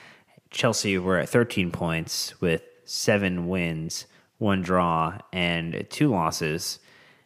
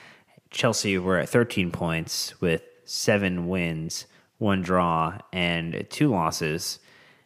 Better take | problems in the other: neither | none

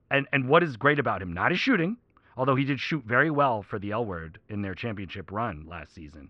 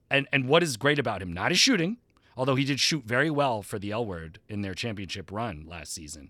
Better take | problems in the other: second | muffled; very; fading above 2.5 kHz

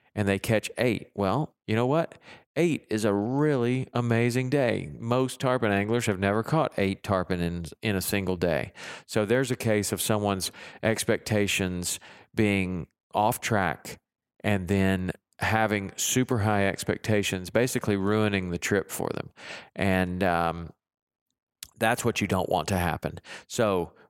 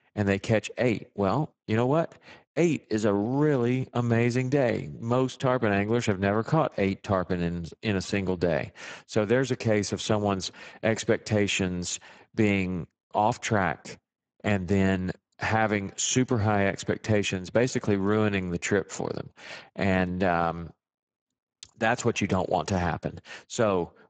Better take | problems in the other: first | garbled, watery; badly; nothing above 7.5 kHz

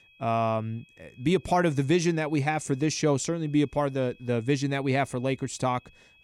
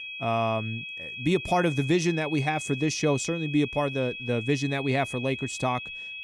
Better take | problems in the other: first | high-pitched whine; loud; throughout; 2.5 kHz, 8 dB below the speech; faint in the first

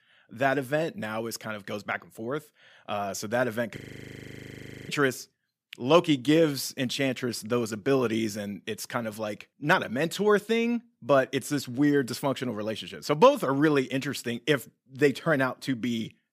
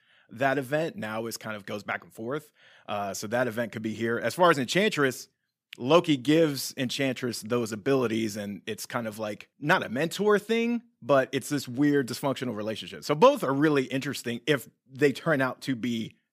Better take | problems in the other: second | audio freezing; at 4 s for 1 s

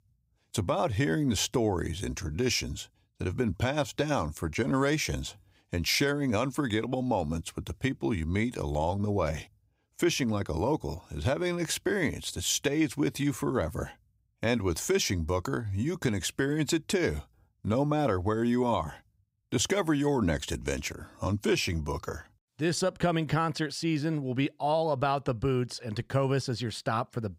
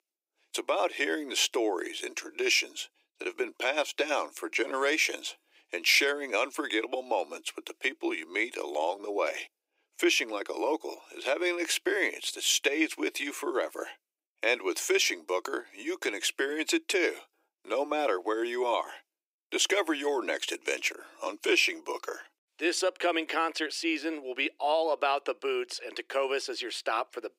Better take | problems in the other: first | thin; very; fading below 350 Hz

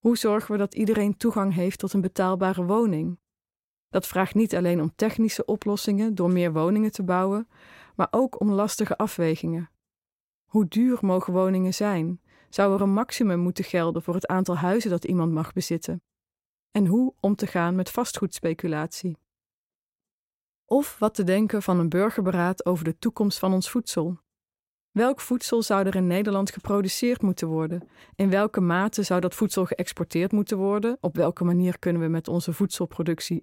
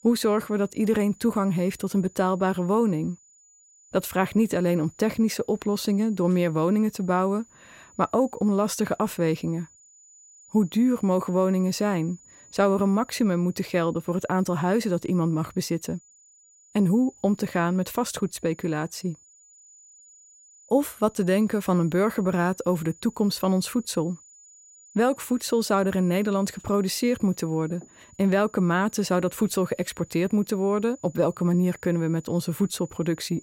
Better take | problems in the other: first | high-pitched whine; faint; throughout; 7 kHz, 25 dB below the speech

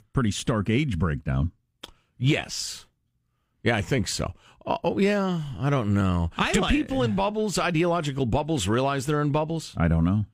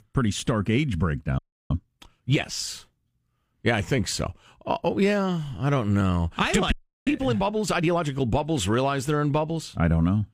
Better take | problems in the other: first | audio freezing; at 1.5 s and at 6.5 s

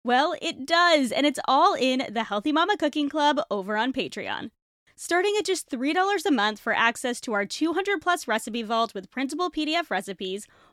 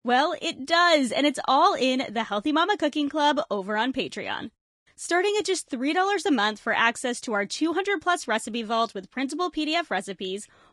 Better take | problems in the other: first | garbled, watery; slightly; nothing above 10.5 kHz

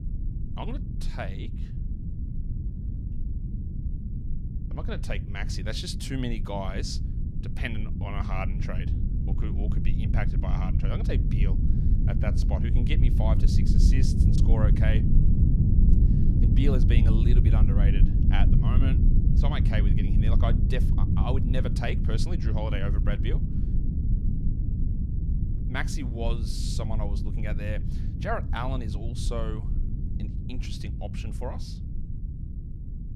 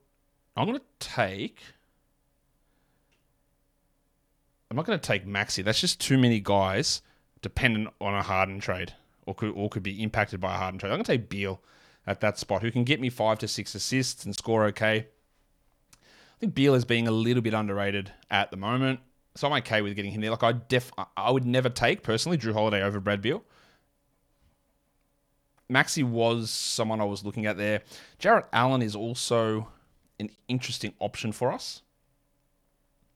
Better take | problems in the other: second | low rumble; loud; throughout; 3 dB below the speech

